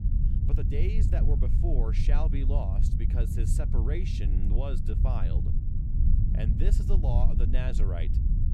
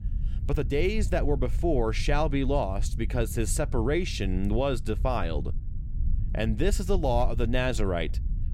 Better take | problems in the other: second | low rumble; loud; throughout; 3 dB below the speech; faint in the second

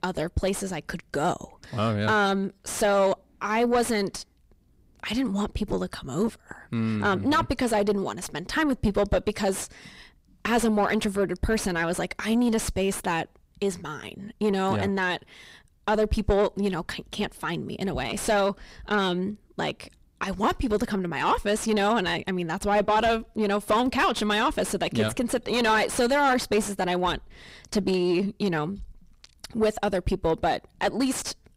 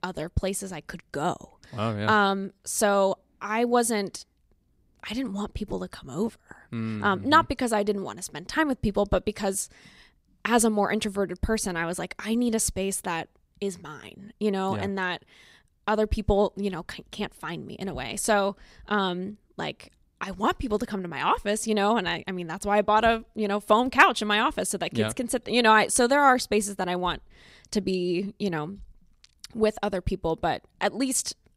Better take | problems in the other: second | distortion; heavy; 6 dB below the speech

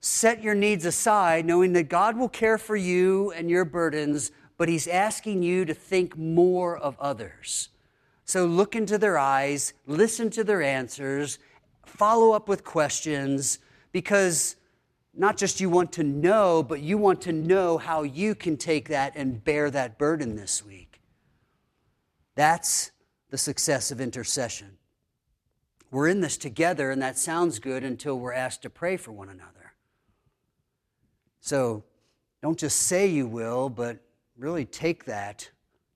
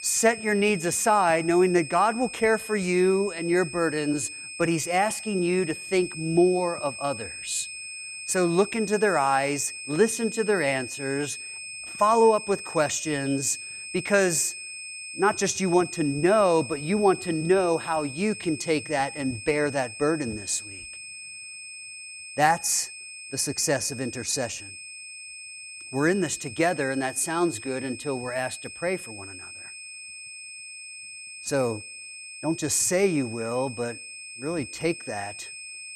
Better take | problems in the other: first | high-pitched whine; noticeable; throughout; 2.5 kHz, 10 dB below the speech

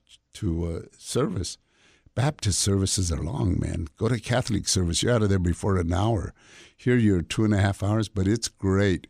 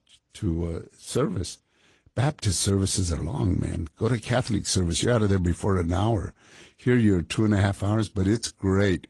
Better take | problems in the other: first | garbled, watery; slightly

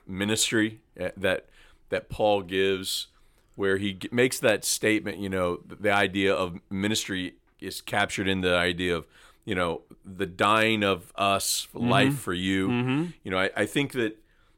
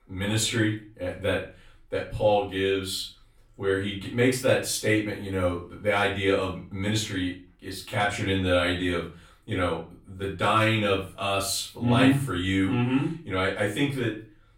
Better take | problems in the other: first | room echo; slight; dies away in 0.3 s // off-mic speech; far

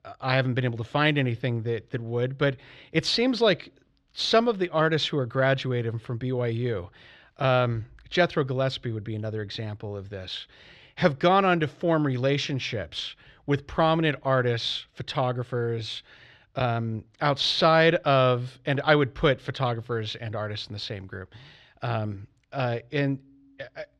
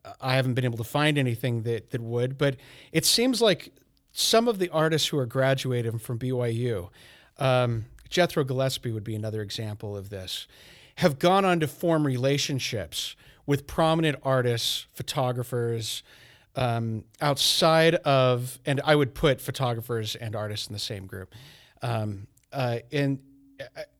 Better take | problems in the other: second | muffled; very slightly; fading above 4.5 kHz

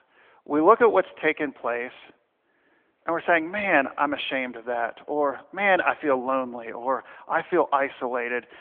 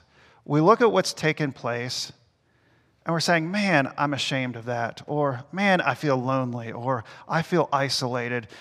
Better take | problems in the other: second | phone-call audio; nothing above 3.5 kHz

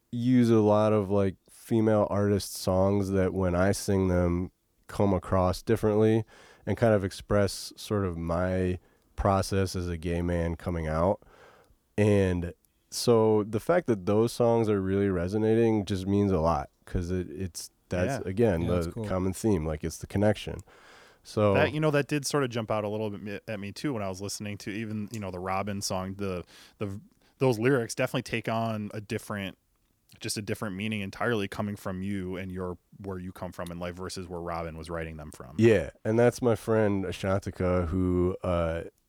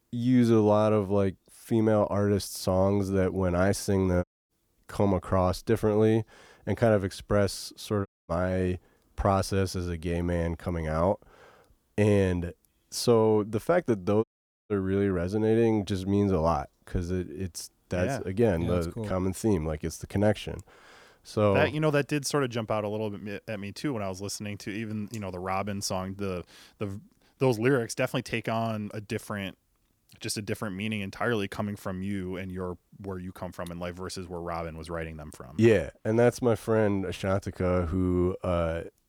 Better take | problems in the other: first | audio cutting out; at 4 s, at 8 s and at 14 s

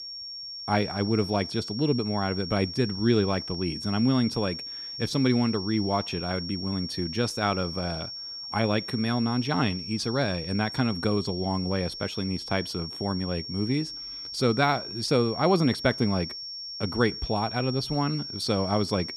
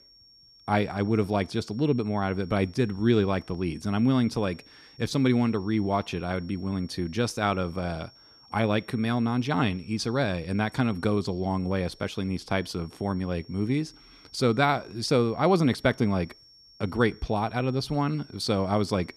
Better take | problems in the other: second | high-pitched whine; loud; throughout; 5.5 kHz, 7 dB below the speech; faint in the second

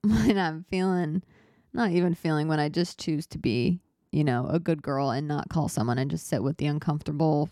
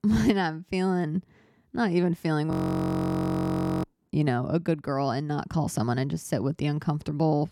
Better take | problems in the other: first | audio freezing; at 2.5 s for 1.5 s

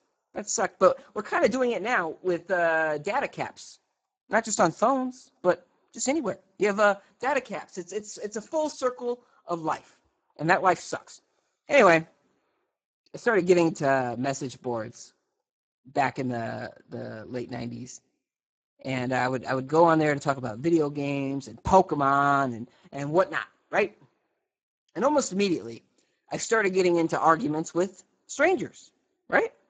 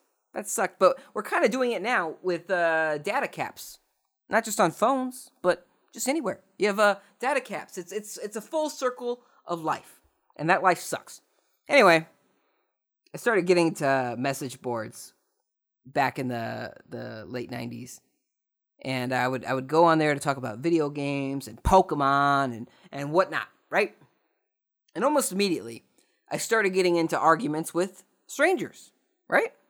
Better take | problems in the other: second | garbled, watery; badly; nothing above 7.5 kHz

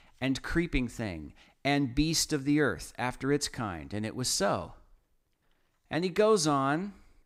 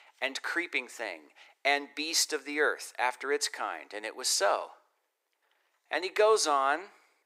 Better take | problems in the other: first | thin; very; fading below 400 Hz

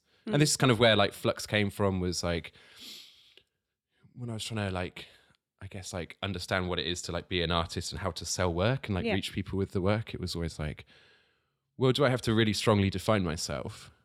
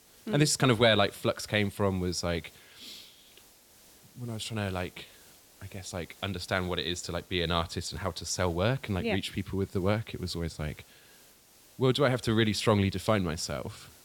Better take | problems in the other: first | hiss; faint; throughout; 25 dB below the speech

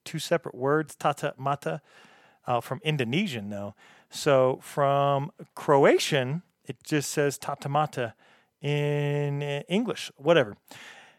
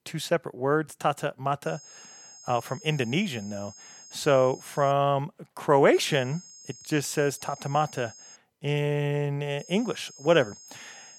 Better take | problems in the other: first | high-pitched whine; noticeable; from 1.5 to 5 s, from 6 to 8.5 s and from 9.5 s on; 6.5 kHz, 20 dB below the speech

